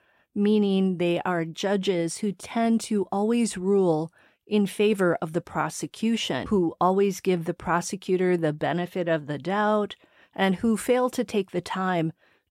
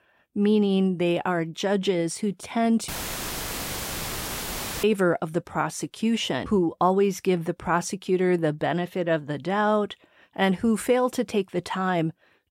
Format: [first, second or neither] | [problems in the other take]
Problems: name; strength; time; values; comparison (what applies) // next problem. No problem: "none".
first | audio cutting out; filled with static; at 3 s for 2 s